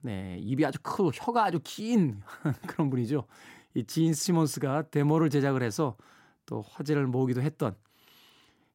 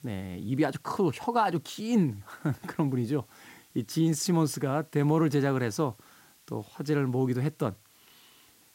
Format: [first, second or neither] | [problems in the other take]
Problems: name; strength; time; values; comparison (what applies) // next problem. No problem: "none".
first | hiss; faint; throughout; 30 dB below the speech